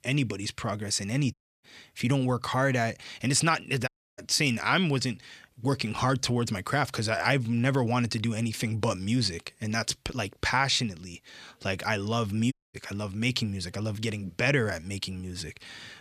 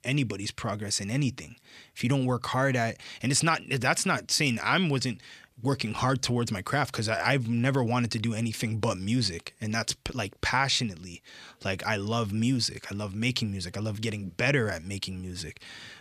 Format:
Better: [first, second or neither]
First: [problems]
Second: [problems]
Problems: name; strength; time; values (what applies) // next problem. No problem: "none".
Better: second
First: audio cutting out; at 1.5 s, at 4 s and at 13 s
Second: none